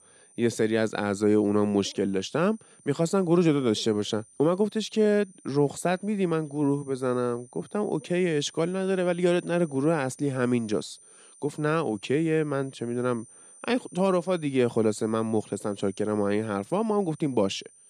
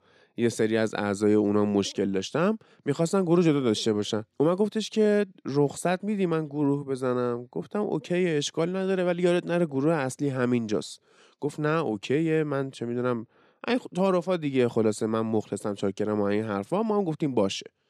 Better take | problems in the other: second | high-pitched whine; faint; throughout; 9 kHz, 25 dB below the speech

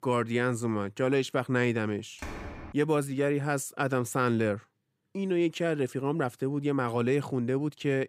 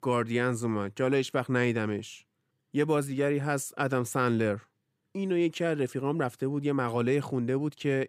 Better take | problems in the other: second | door banging; faint; at 2 s; peak 10 dB below the speech

